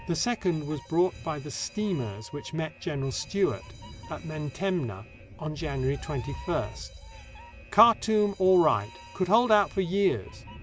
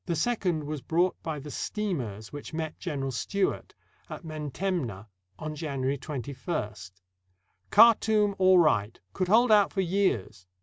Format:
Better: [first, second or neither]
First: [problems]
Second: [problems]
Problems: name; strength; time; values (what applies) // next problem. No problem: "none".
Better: second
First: background sound (Alarm + Meow); 16 dB below the speech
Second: none